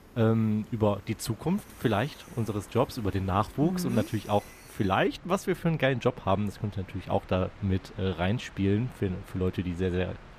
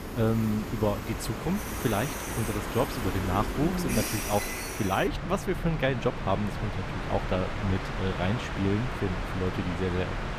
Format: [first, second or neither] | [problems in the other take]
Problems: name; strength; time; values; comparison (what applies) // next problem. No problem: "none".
first | train or aircraft noise; loud; throughout; 4 dB below the speech; faint in the first